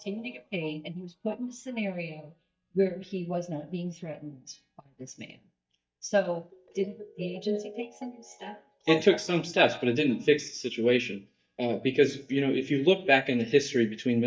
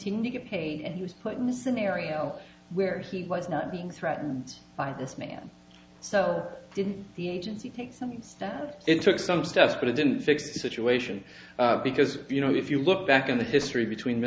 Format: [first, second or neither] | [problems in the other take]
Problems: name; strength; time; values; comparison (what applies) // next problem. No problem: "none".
second | noise reduction (neural mask model DeepFilterNet 3)